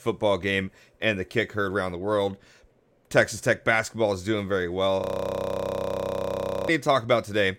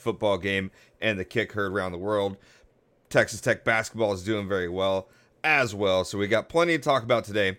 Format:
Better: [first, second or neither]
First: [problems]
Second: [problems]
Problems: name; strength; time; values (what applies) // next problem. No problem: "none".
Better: second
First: audio freezing; at 5 s for 1.5 s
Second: none